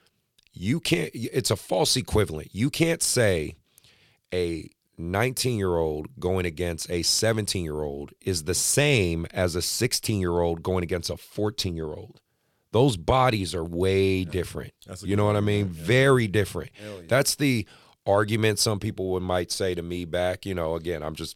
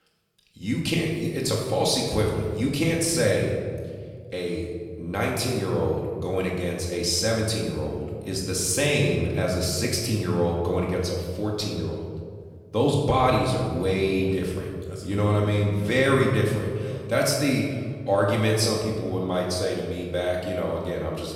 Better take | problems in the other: first | off-mic speech; far // room echo; noticeable; dies away in 1.6 s

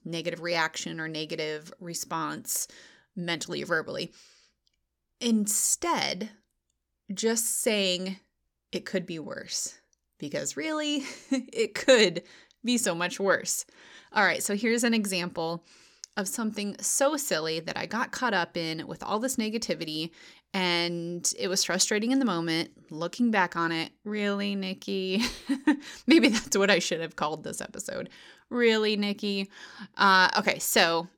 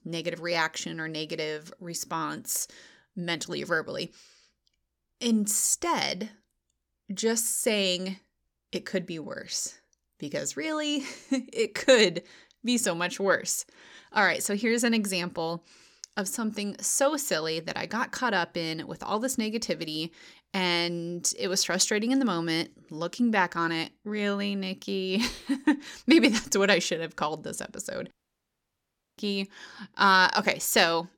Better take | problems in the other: first | audio cutting out; at 28 s for 1 s

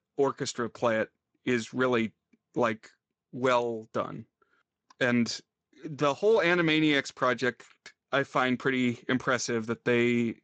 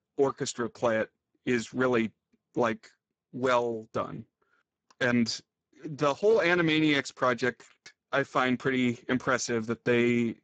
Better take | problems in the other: first | garbled, watery; badly; nothing above 7.5 kHz; slightly in the first

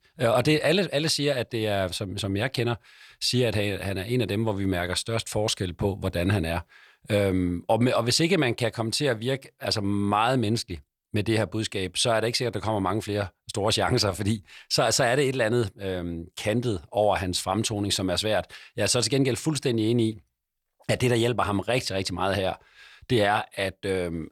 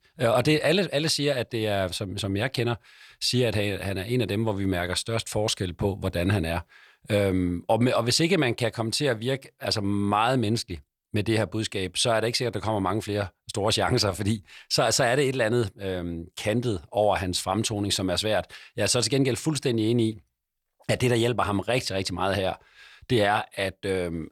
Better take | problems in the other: neither | none

